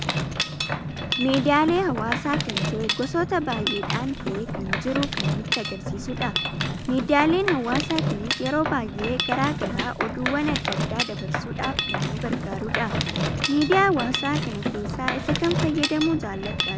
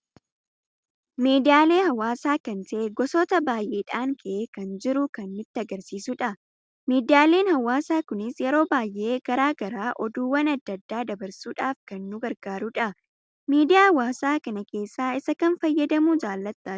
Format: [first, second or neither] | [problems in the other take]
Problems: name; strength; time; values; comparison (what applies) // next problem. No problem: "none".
second | background sound (Mechanisms); 1 dB below the speech